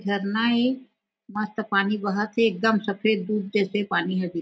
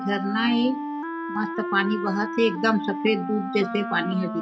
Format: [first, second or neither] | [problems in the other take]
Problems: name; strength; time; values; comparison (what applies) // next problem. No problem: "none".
first | background sound (Wind instrument, woodwind instrument); 6 dB below the speech